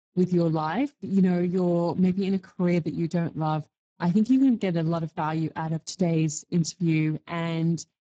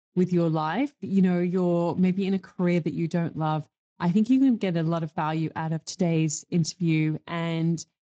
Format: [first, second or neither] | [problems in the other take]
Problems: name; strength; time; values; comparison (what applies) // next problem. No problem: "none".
second | garbled, watery; badly; nothing above 7.5 kHz; slightly in the second